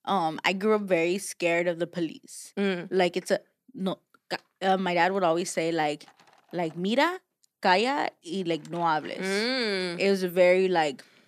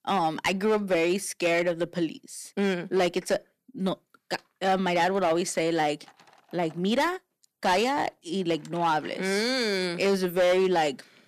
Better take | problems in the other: first | distortion; slight; 6% of the sound clipped

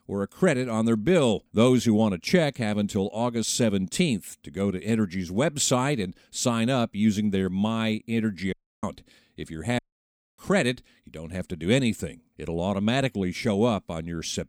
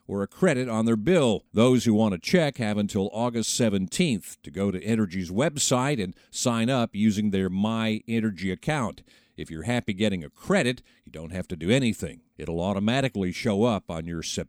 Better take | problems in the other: second | audio cutting out; at 8.5 s and at 10 s for 0.5 s

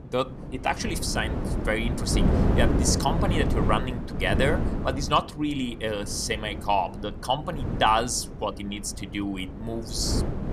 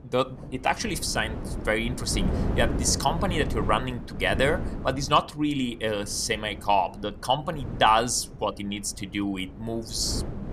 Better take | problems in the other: second | wind noise on the microphone; heavy; 8 dB below the speech; occasional gusts in the second

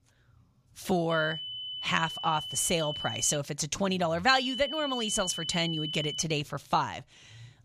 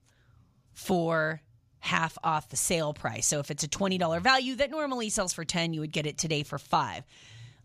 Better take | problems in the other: second | high-pitched whine; loud; from 1 to 3.5 s and from 4.5 to 6 s; 3 kHz, 6 dB below the speech

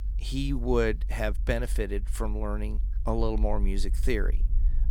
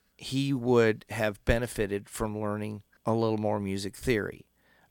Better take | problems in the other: second | low rumble; faint; throughout; 20 dB below the speech

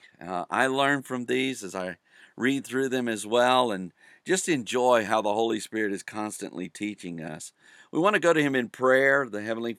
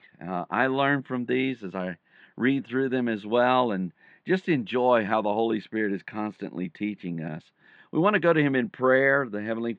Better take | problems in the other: first | muffled; very; fading above 3 kHz

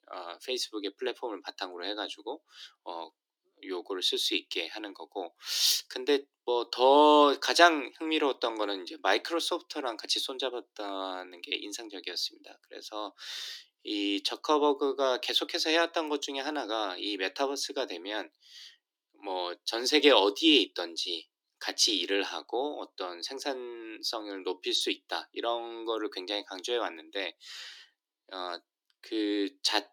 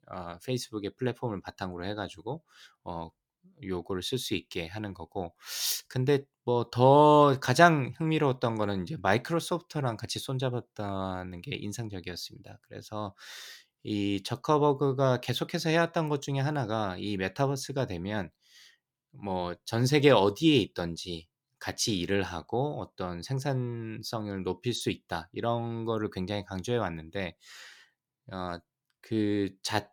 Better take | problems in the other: second | thin; somewhat; fading below 300 Hz

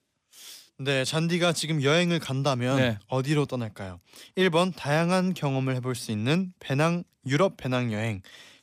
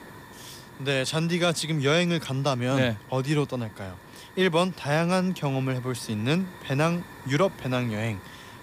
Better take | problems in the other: first | hiss; noticeable; throughout; 20 dB below the speech

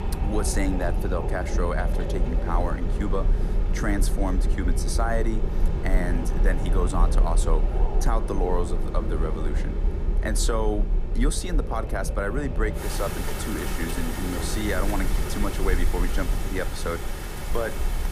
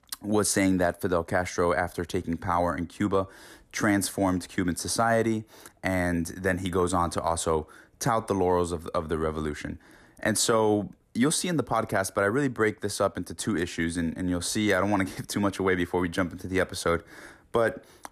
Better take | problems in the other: second | wind in the background; very loud; throughout; 3 dB above the speech

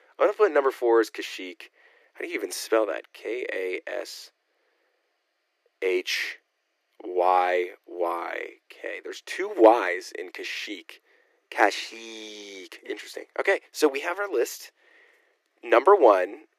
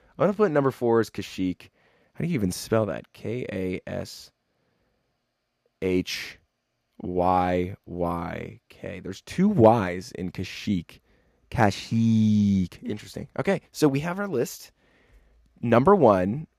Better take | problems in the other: second | thin; very; fading below 300 Hz

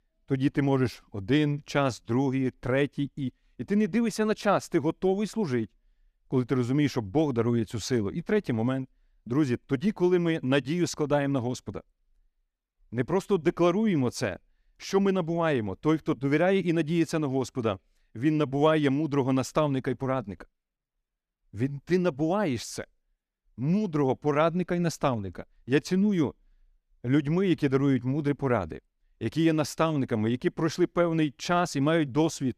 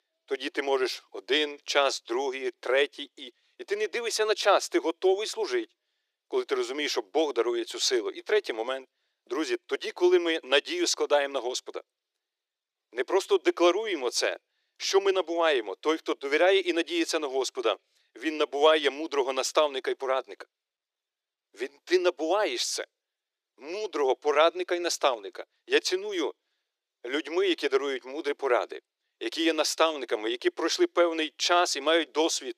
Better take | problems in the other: first | thin; very; fading below 350 Hz

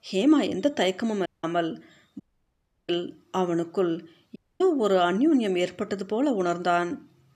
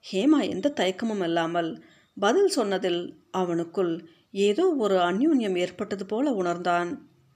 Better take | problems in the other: second | audio cutting out; at 1.5 s, at 2 s for 0.5 s and at 4.5 s

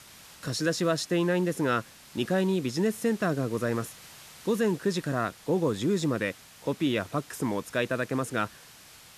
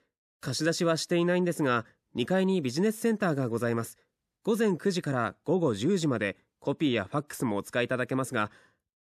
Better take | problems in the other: second | hiss; noticeable; throughout; 20 dB below the speech

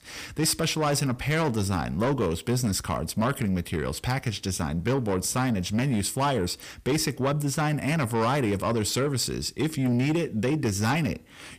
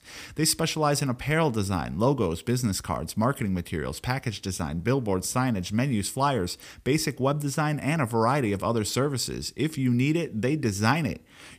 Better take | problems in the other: second | distortion; slight; 10 dB below the speech

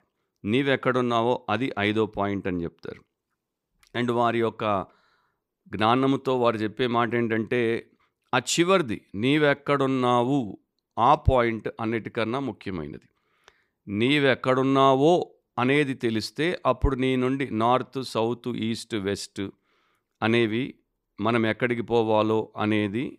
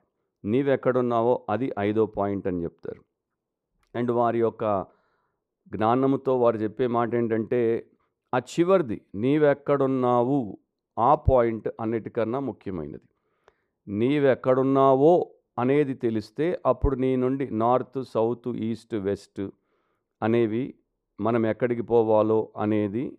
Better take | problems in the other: first | muffled; slightly; fading above 1.5 kHz

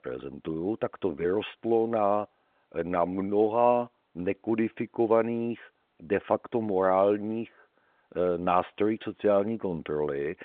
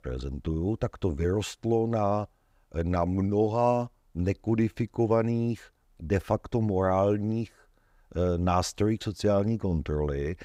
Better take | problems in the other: second | phone-call audio

